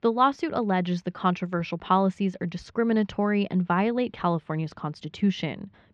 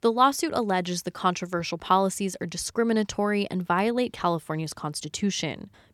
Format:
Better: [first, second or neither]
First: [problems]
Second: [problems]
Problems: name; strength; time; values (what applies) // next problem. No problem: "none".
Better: second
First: muffled; slightly; fading above 3.5 kHz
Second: none